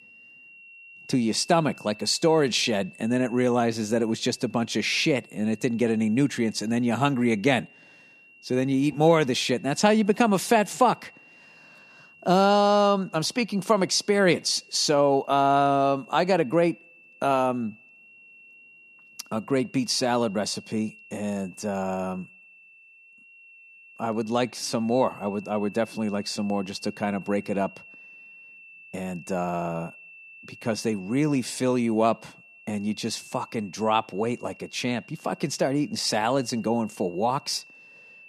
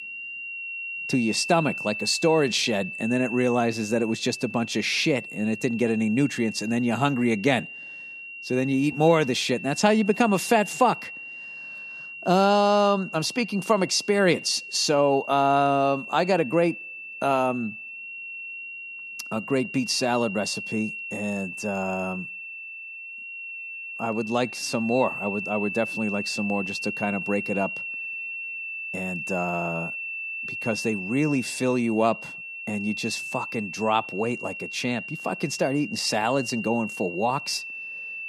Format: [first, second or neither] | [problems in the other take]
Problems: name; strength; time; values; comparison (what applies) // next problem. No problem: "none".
first | high-pitched whine; loud; throughout; 2.5 kHz, 9 dB below the speech; faint in the first